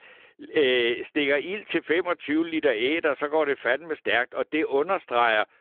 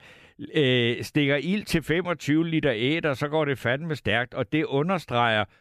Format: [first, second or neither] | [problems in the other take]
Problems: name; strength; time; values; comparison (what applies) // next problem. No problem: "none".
second | phone-call audio; nothing above 3.5 kHz